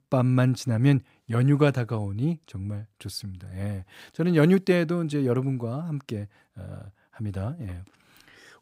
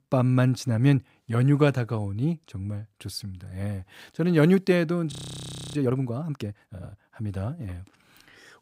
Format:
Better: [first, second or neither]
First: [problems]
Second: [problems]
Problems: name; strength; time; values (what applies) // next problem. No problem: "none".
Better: first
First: none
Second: audio freezing; at 5 s for 0.5 s